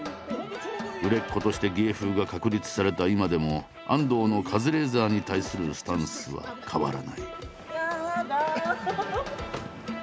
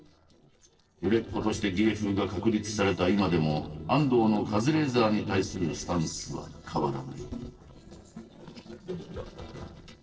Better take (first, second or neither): first